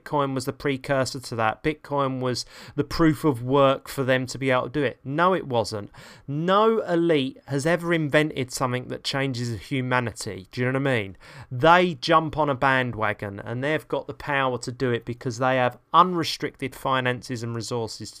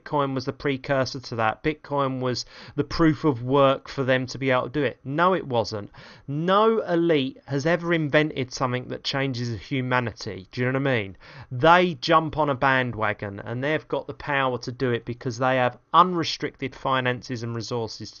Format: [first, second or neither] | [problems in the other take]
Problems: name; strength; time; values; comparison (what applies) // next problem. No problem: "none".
first | garbled, watery; slightly; nothing above 6.5 kHz